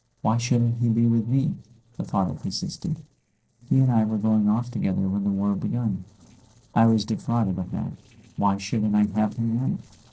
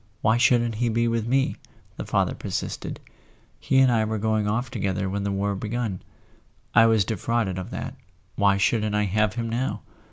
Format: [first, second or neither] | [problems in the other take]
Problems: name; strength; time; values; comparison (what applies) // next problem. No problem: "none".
second | noise reduction (neural separator model SepFormer DNS4)